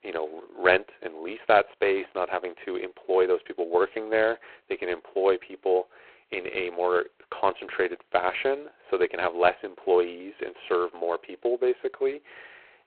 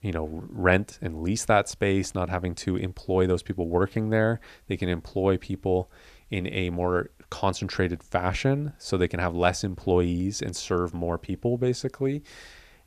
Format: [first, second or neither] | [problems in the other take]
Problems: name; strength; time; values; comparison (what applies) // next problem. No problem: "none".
second | phone-call audio; poor line; nothing above 4 kHz